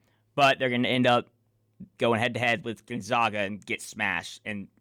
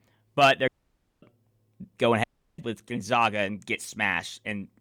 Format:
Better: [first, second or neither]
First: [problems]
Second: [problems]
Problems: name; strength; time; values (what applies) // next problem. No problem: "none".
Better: first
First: none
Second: audio cutting out; at 0.5 s for 0.5 s and at 2 s